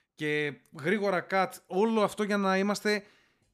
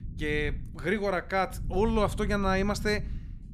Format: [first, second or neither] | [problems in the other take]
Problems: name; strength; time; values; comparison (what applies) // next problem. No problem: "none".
first | low rumble; faint; throughout; 20 dB below the speech